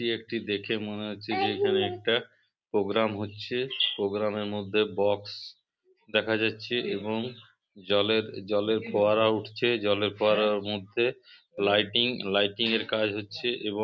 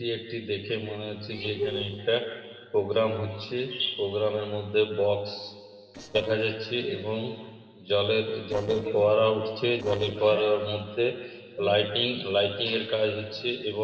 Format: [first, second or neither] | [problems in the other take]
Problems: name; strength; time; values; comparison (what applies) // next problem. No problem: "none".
first | noise reduction (neural separator model SepFormer DNS4)